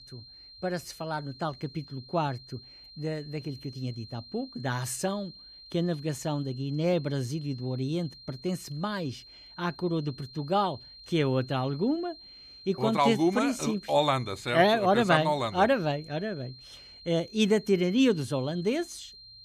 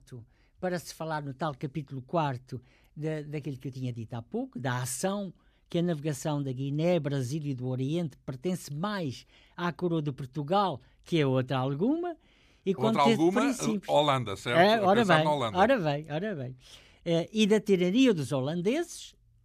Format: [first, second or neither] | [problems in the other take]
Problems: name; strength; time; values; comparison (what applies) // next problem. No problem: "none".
second | high-pitched whine; noticeable; throughout; 4 kHz, 20 dB below the speech